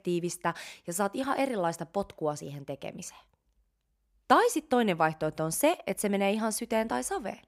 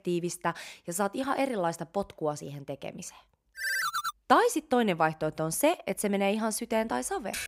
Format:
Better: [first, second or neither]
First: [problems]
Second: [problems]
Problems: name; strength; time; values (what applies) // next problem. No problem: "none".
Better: first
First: none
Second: phone ringing; loud; at 3.5 s; peak level with the speech // keyboard typing; very faint; at 7 s; peak 8 dB below the speech